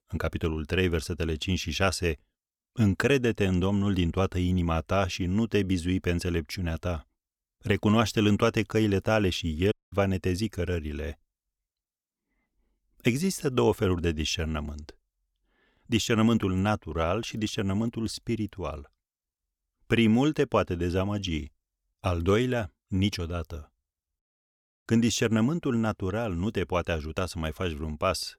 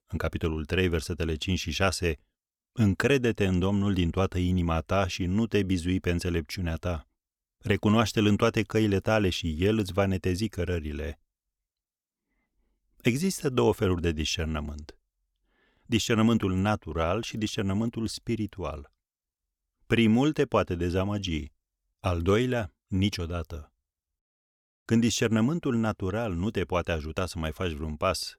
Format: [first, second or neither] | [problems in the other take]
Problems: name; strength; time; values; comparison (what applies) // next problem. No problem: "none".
second | audio cutting out; at 9.5 s